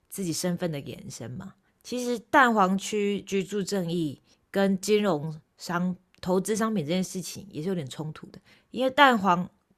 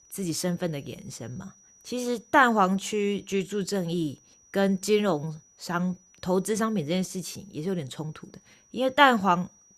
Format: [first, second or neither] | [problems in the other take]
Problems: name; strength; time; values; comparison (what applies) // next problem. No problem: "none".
first | high-pitched whine; faint; throughout; 6 kHz, 30 dB below the speech